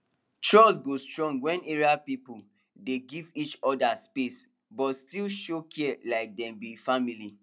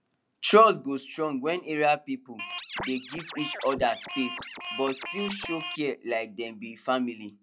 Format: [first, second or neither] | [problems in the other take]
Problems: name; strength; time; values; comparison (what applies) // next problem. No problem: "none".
first | background sound (Scratching (performance technique)); 9 dB below the speech